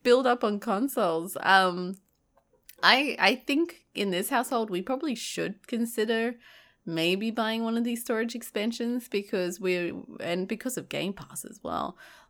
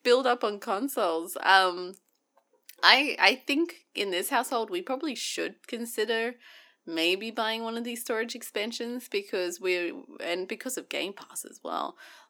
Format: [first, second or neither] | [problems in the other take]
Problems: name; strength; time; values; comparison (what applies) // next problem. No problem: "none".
first | thin; very slightly; fading below 300 Hz